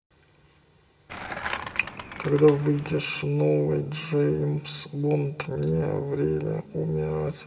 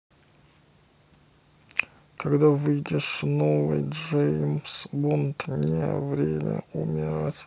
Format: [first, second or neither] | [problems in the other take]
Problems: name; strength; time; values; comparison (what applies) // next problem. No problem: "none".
second | background sound (Skateboard); 10 dB below the speech // room echo; dies away in 2 s